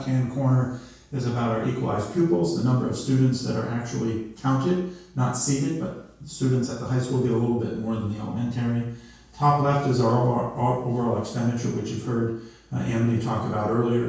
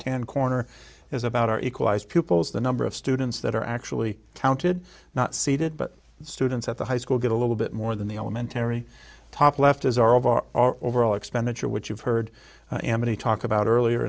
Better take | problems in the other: second | room echo; dies away in 0.6 s

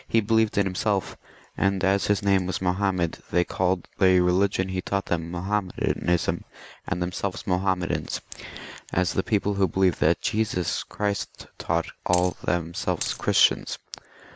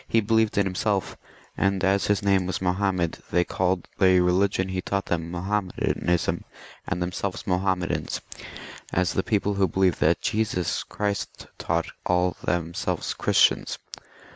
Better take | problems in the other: second | background sound (Coin (dropping)); 10 dB below the speech

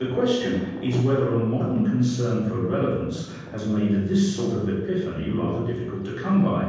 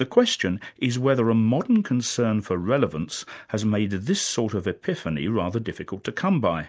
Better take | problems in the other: second | background sound (Thunder); 16 dB below the speech // room echo; dies away in 1.3 s

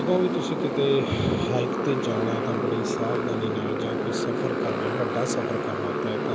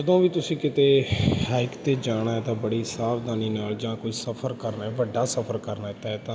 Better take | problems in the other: second | background sound (Motorcycle); 2 dB above the speech

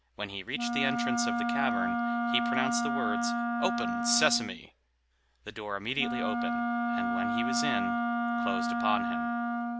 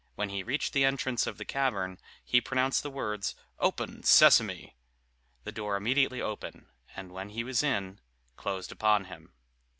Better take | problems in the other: second | background sound (Wind instrument, woodwind instrument); 4 dB above the speech

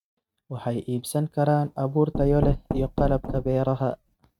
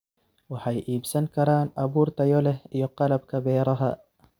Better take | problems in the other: second | noise reduction (neural mask model RNNoise)

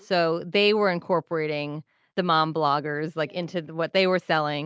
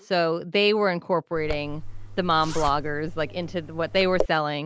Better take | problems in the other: first | background sound (Zipper (clothing)); 7 dB below the speech

